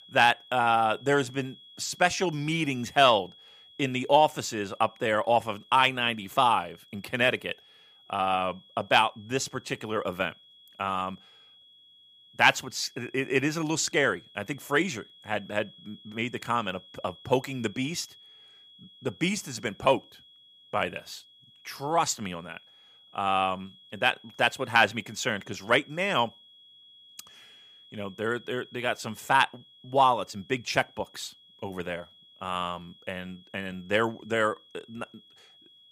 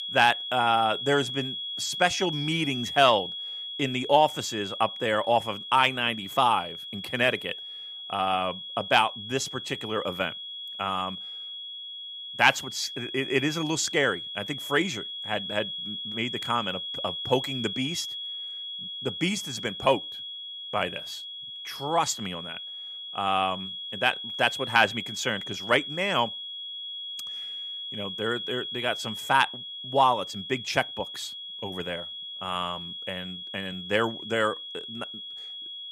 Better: first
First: high-pitched whine; faint; throughout; 3.5 kHz, 25 dB below the speech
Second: high-pitched whine; loud; throughout; 3.5 kHz, 7 dB below the speech

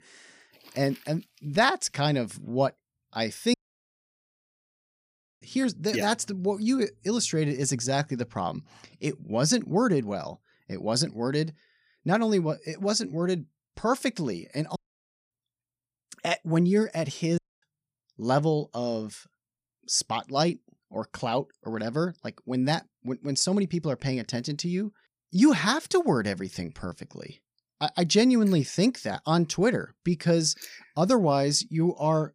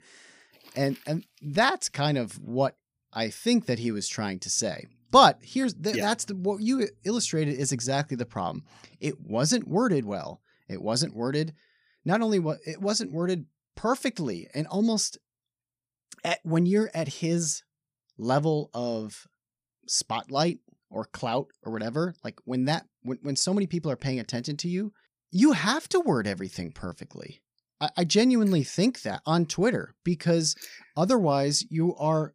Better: second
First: audio cutting out; at 3.5 s for 2 s, at 15 s for 0.5 s and at 17 s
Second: none

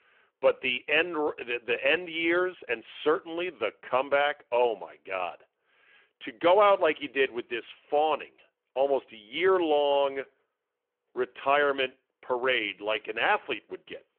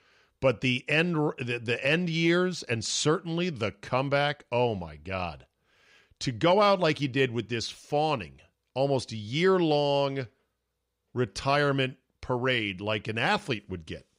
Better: second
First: phone-call audio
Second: none

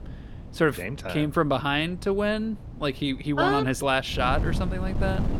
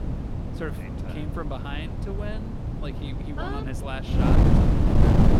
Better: first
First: wind noise on the microphone; occasional gusts; 15 dB below the speech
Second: wind noise on the microphone; heavy; 4 dB above the speech

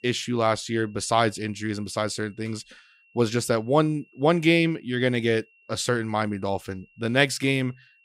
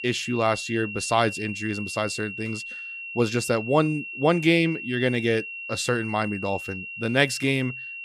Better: first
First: high-pitched whine; faint; throughout; 2.5 kHz, 35 dB below the speech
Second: high-pitched whine; loud; throughout; 2.5 kHz, 8 dB below the speech

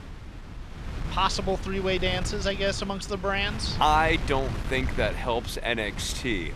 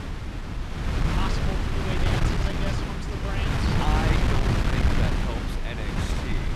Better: first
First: wind noise on the microphone; occasional gusts; 15 dB below the speech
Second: wind noise on the microphone; heavy; 5 dB above the speech

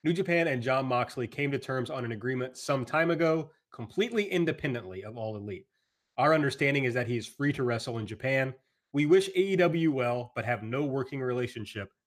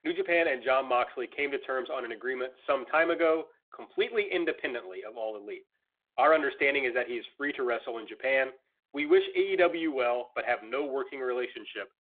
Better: first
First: none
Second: phone-call audio; nothing above 3.5 kHz

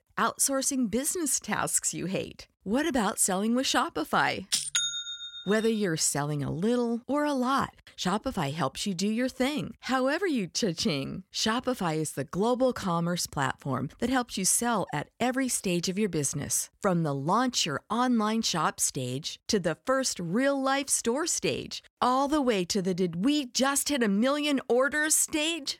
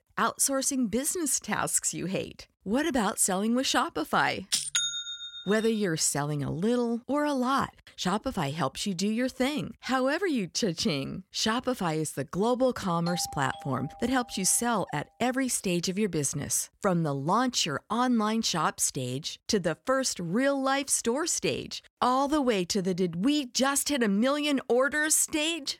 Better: first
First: none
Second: doorbell; faint; from 13 to 15 s; peak 10 dB below the speech

